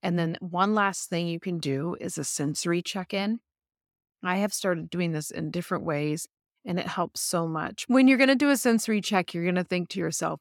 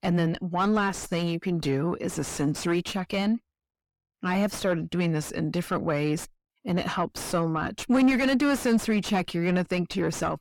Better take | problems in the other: first | distortion; heavy; 6 dB below the speech

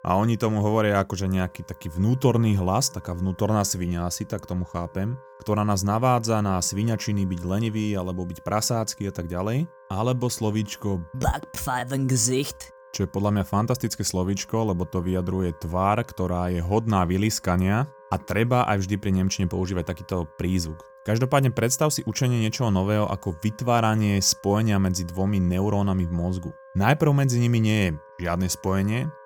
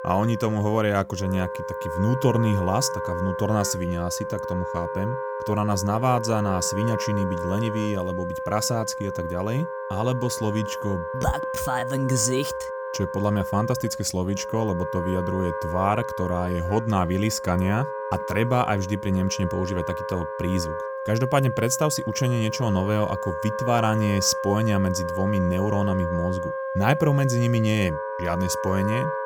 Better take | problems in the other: first | background music; loud; throughout; 5 dB below the speech; faint in the first

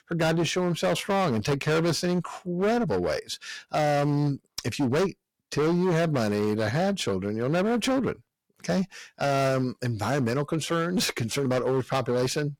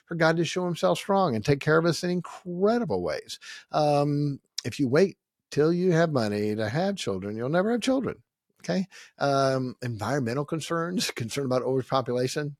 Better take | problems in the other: second | distortion; heavy; 20% of the sound clipped

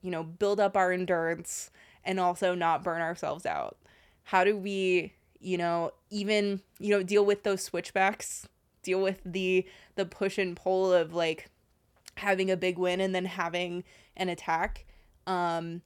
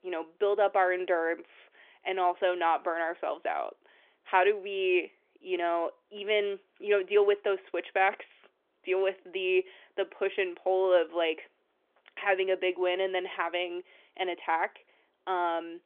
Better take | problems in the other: first | phone-call audio; nothing above 3 kHz

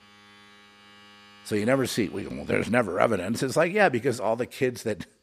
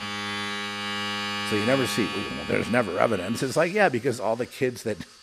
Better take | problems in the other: first | household noises; loud; throughout; 5 dB below the speech; faint in the first

